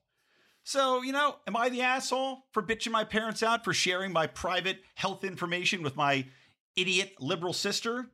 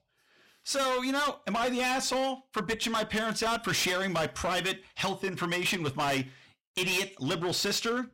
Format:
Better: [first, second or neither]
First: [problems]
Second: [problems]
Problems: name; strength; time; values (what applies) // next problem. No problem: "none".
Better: first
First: none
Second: distortion; heavy; 19% of the sound clipped